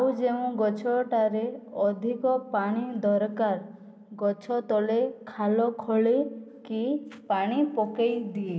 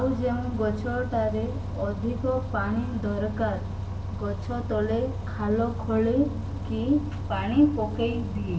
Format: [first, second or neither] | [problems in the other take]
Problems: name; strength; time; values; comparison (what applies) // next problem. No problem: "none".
first | background sound (Bus); 4 dB below the speech // room echo; dies away in 0.2 s